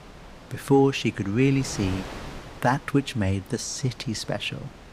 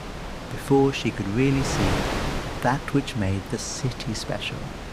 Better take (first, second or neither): first